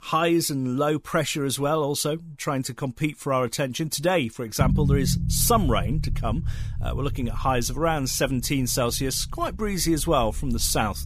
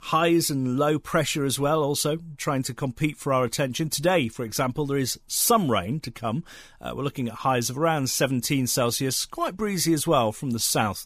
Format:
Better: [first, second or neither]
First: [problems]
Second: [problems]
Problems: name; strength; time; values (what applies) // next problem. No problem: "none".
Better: second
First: low rumble; noticeable; from 4.5 s on; 15 dB below the speech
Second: none